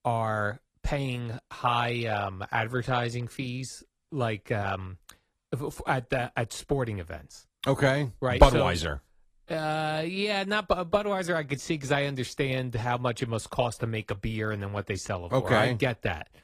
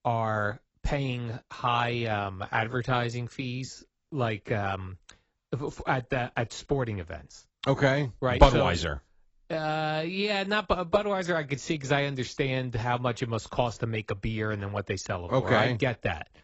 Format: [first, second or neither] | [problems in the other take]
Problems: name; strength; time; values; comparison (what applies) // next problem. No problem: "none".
first | garbled, watery; badly; nothing above 7.5 kHz; slightly in the first